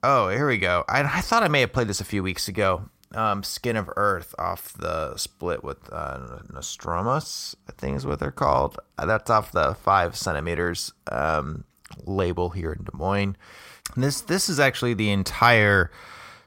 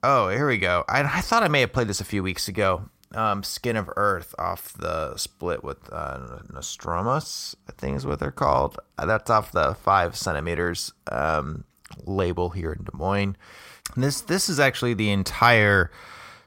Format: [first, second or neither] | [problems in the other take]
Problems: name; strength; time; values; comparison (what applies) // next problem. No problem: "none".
neither | none